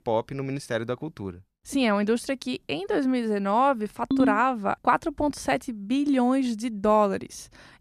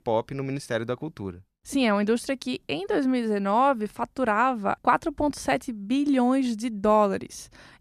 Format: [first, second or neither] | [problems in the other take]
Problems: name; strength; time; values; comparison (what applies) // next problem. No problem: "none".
second | phone ringing; loud; at 4 s; peak level with the speech